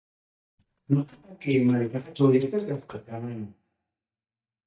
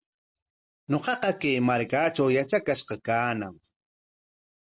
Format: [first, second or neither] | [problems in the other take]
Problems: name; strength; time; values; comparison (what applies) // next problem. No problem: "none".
second | noise reduction (neural mask model DeepFilterNet 3)